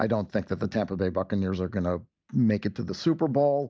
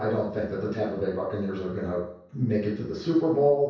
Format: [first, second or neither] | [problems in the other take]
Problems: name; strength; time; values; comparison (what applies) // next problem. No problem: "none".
first | room echo; dies away in 0.6 s